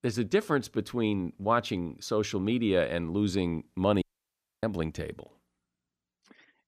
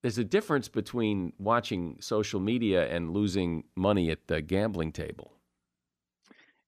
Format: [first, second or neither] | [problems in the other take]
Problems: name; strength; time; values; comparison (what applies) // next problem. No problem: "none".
second | audio cutting out; at 4 s for 0.5 s